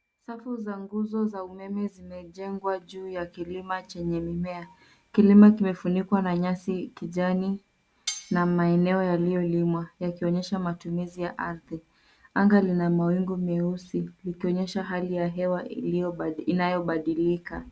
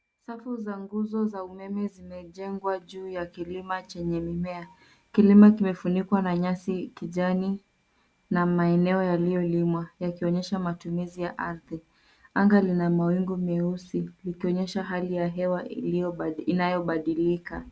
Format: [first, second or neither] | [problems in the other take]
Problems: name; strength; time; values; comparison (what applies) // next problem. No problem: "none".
second | background sound (Cutlery, silverware); 14 dB below the speech